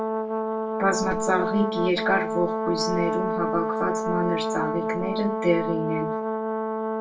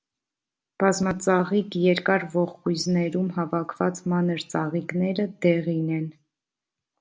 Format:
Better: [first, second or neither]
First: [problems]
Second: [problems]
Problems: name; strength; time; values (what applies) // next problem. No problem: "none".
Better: second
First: background sound (Brass instrument); as loud as the speech // room echo; dies away in 0.2 s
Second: none